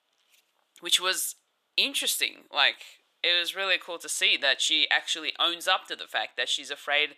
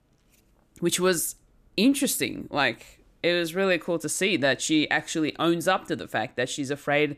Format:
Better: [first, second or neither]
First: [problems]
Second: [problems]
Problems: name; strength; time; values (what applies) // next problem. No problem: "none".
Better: second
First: thin; very; fading below 850 Hz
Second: none